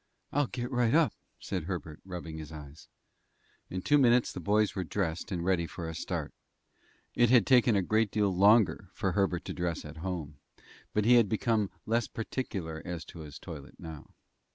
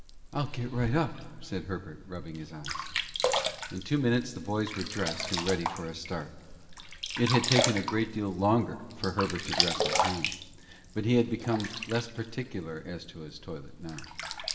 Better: first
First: none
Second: background sound (Sink (filling or washing)); 3 dB below the speech // room echo; dies away in 1.9 s

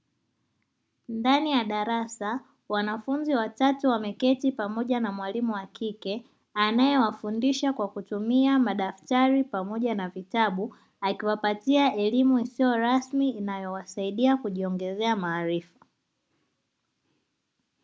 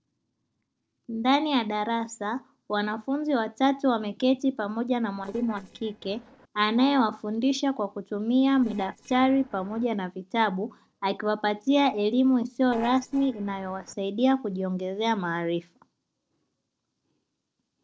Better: first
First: none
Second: noise reduction (neural separator model SepFormer DNS4)

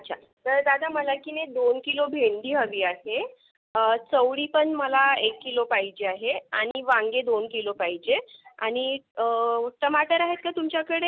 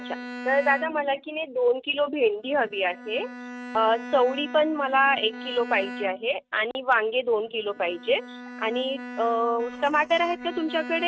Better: first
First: none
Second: noise reduction (neural mask model RNNoise)

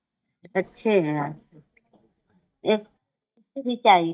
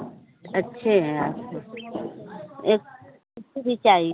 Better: second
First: noise reduction (neural mask model DeepFilterNet 3)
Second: none

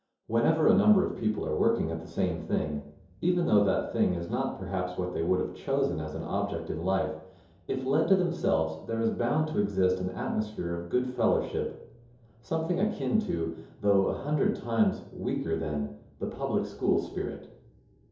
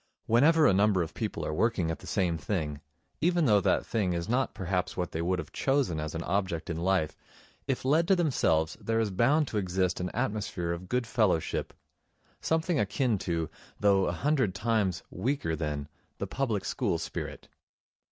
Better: second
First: room echo; dies away in 2.8 s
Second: none

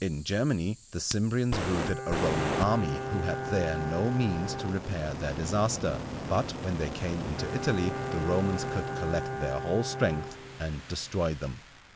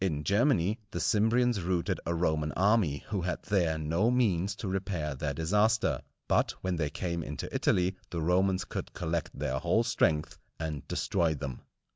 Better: second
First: background sound (Bowed string instrument + Fire); 5 dB below the speech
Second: none

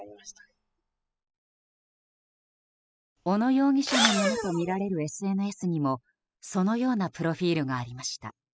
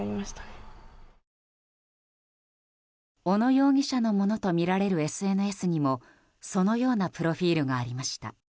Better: second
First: noise reduction (classical method spectral subtraction)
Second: none

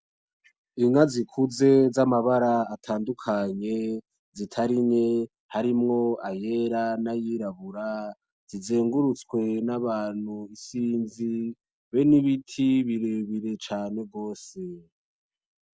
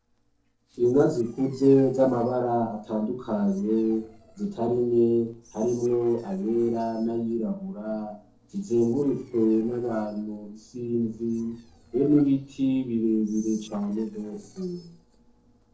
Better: first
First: none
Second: noise reduction (neural separator model SepFormer DNS4)

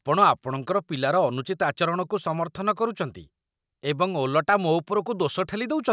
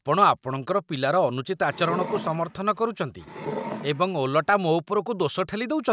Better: first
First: none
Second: background sound (Wood); 11 dB below the speech

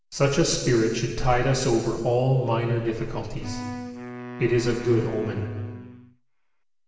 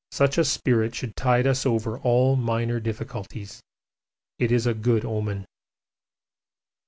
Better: second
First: background sound (Wind instrument, woodwind instrument); 13 dB below the speech // room echo; dies away in 1.4 s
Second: none

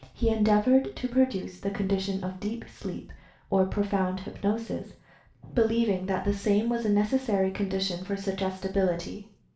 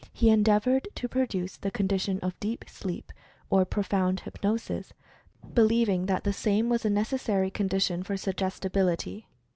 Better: second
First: room echo; dies away in 0.4 s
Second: none

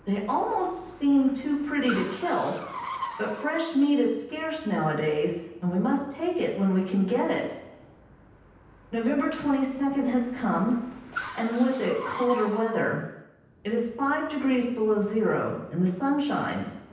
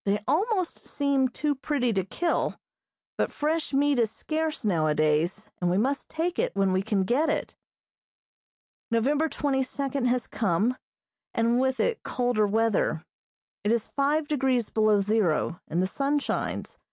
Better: second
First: background sound (Car); 16 dB below the speech // room echo; dies away in 0.9 s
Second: none

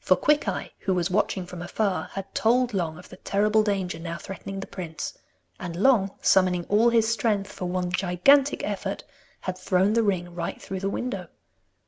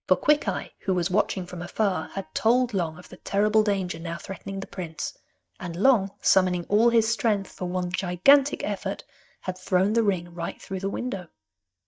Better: first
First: none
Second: noise reduction (neural mask model DeepFilterNet 3)

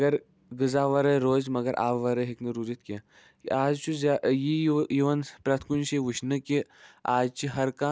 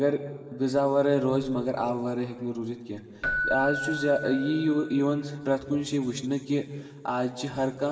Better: first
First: none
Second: background sound (Keyboard (musical)); 11 dB below the speech // room echo; dies away in 2.2 s

